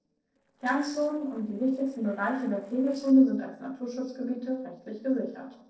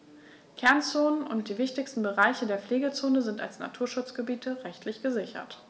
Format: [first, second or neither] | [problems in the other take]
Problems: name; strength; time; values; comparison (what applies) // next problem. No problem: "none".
second | noise reduction (neural separator model SepFormer DNS4)